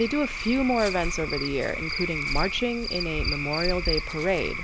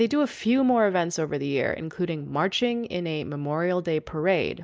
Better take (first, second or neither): second